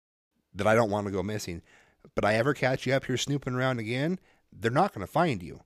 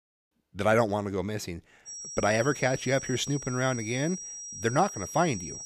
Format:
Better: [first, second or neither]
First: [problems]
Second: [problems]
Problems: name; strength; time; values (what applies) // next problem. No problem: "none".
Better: first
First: none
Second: high-pitched whine; loud; from 2 s on; 5.5 kHz, 10 dB below the speech